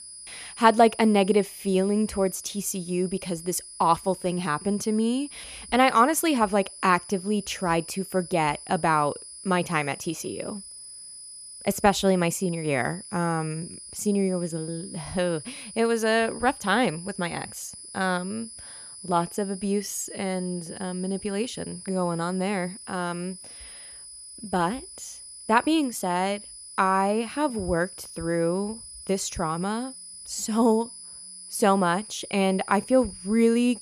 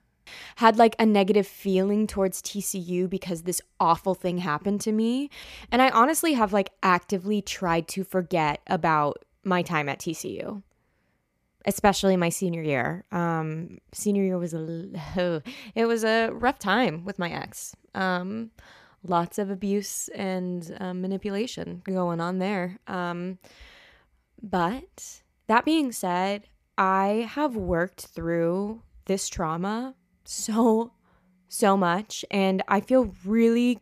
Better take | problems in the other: second | high-pitched whine; noticeable; throughout; 10 kHz, 15 dB below the speech

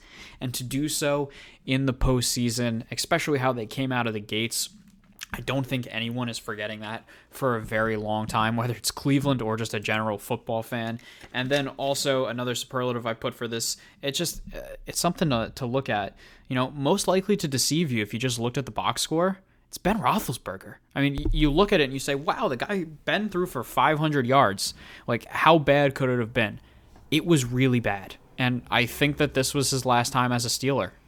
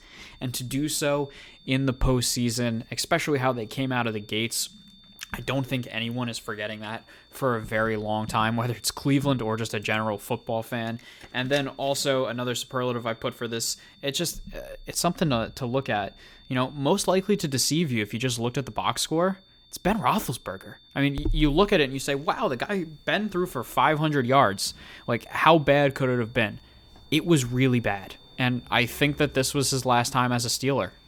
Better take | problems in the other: first | high-pitched whine; faint; throughout; 3.5 kHz, 30 dB below the speech

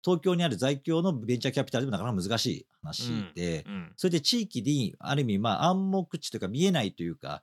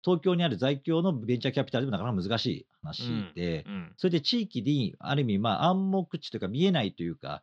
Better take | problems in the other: first | muffled; very slightly; fading above 4 kHz

